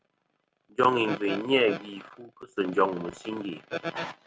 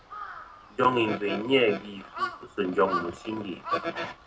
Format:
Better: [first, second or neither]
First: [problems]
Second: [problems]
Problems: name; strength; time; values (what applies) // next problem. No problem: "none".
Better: first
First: none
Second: background sound (Crow); 10 dB below the speech // room echo; dies away in 0.2 s